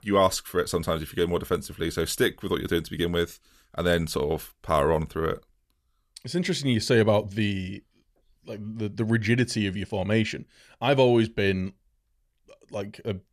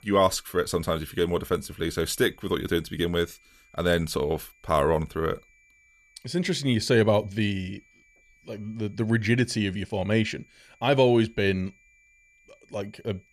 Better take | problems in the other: first | high-pitched whine; faint; throughout; 2.5 kHz, 35 dB below the speech

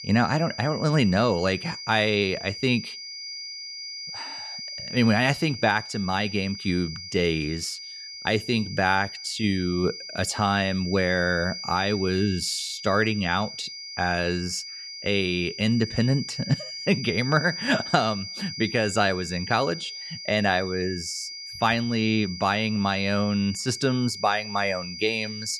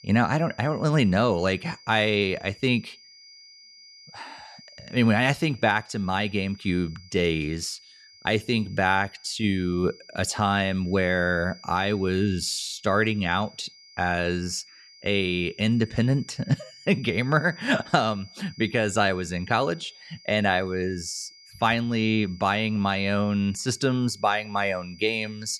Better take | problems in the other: second | high-pitched whine; loud; throughout; 5 kHz, 10 dB below the speech; faint in the second

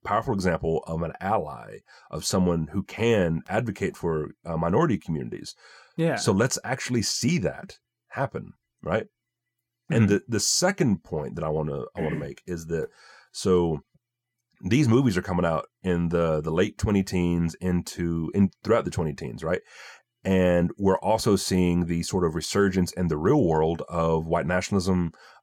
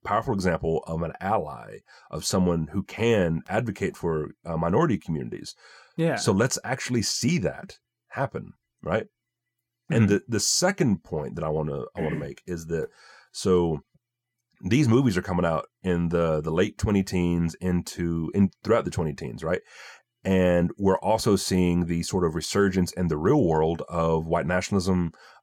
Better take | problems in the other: neither | none

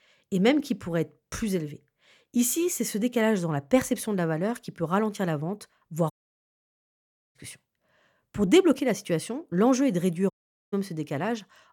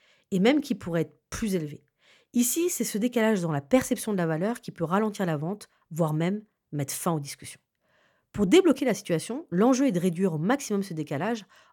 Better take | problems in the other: second | audio cutting out; at 6 s for 1.5 s and at 10 s

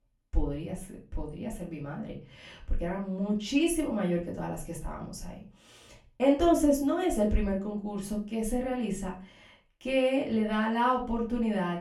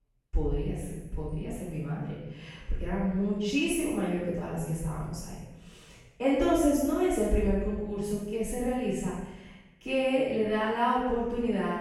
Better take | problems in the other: first | room echo; strong; dies away in 0.9 s; slight in the first // off-mic speech; far; far in the first

